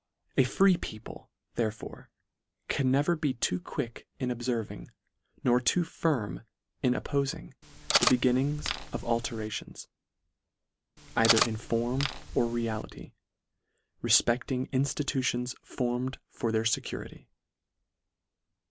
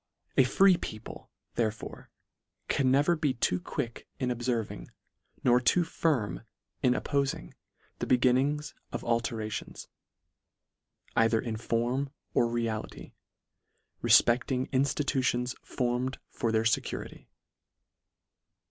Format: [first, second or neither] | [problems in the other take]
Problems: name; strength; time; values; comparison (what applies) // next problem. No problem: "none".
second | background sound (Cutlery, silverware); 2 dB below the speech